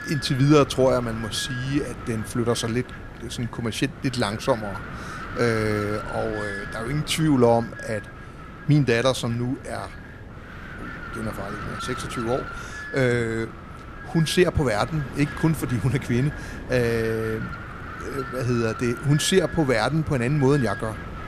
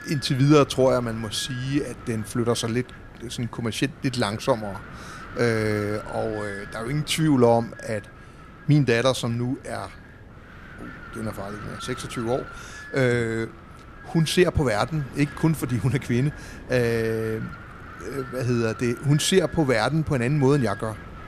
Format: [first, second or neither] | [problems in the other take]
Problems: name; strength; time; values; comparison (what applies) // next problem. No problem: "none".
second | wind noise on the microphone; heavy; 9 dB below the speech; occasional gusts in the second